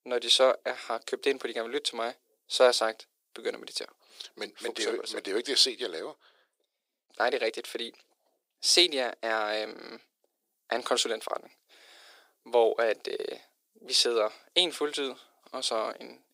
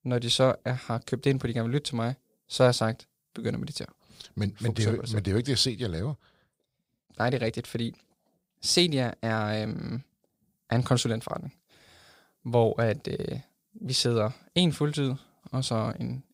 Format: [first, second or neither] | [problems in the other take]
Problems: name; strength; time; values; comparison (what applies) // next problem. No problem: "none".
second | thin; very; fading below 350 Hz